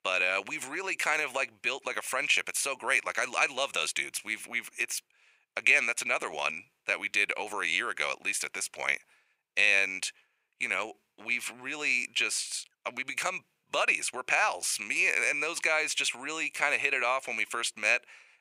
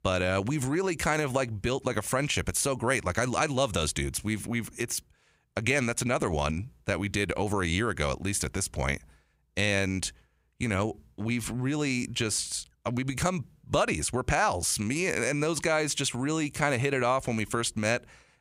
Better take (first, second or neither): second